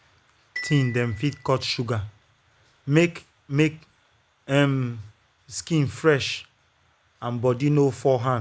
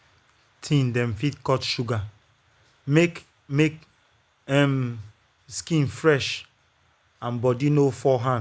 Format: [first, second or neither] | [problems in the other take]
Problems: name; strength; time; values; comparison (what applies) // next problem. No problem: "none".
second | background sound (Glockenspiel); 17 dB below the speech